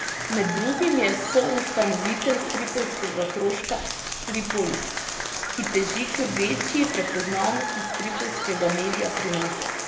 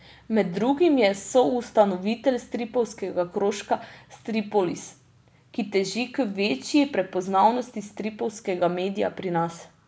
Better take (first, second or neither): second